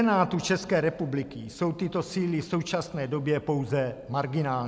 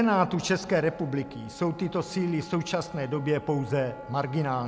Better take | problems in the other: first | background sound (Wind instrument, woodwind instrument); 19 dB below the speech

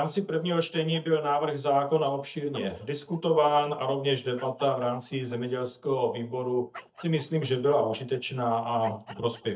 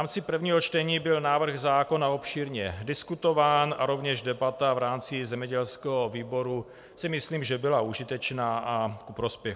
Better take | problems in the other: second | noise reduction (neural mask model DeepFilterNet 3)

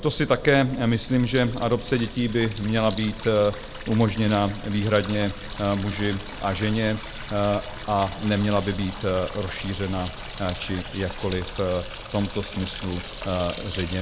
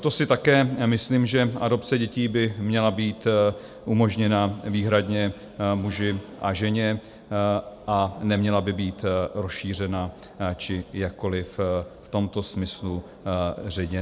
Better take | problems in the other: second | background sound (Water tap, faucet); 11 dB below the speech

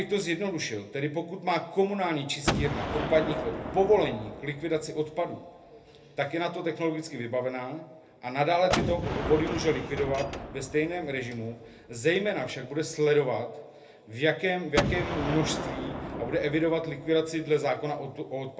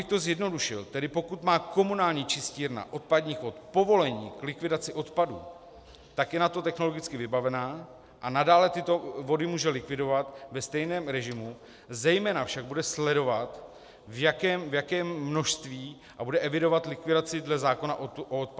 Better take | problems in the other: second | background sound (Gunshot, gunfire); 8 dB below the speech // room echo; dies away in 0.3 s

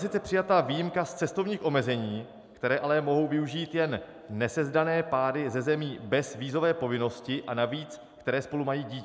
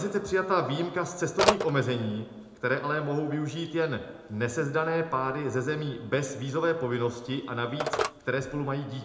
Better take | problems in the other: first | background sound (Telephone); 7 dB below the speech // room echo; dies away in 0.5 s

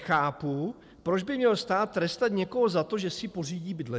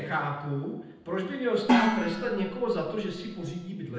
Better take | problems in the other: first | background sound (Gong); 2 dB above the speech // room echo; dies away in 0.9 s

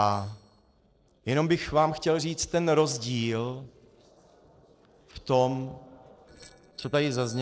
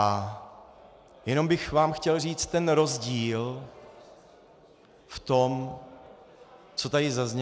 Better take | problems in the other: second | noise reduction (neural separator model SepFormer DNS4)

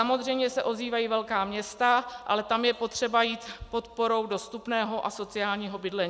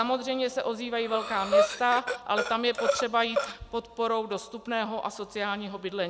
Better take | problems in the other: first | background sound (Breathing); as loud as the speech

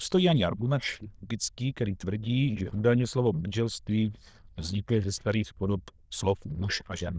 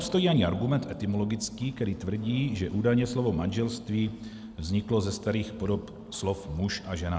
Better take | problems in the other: second | noise reduction (neural diffusion model UNIVERSE++)

